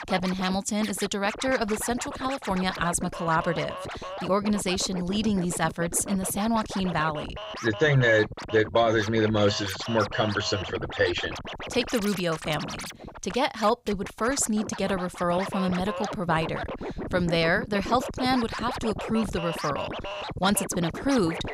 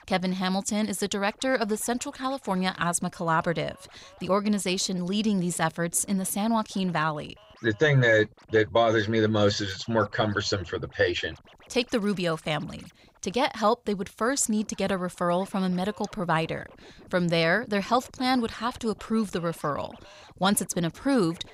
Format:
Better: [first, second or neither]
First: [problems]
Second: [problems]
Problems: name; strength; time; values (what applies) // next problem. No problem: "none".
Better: second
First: background music; loud; throughout; 9 dB below the speech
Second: background music; faint; throughout; 25 dB below the speech